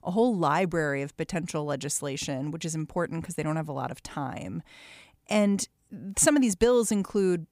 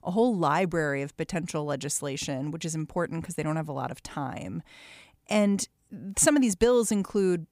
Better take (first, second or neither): neither